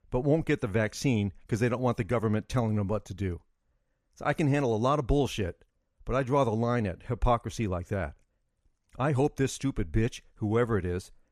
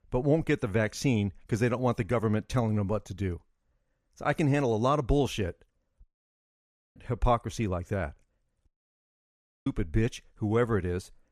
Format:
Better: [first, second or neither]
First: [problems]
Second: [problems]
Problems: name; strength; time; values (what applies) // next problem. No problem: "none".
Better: first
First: none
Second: audio cutting out; at 6 s for 1 s and at 8.5 s for 1 s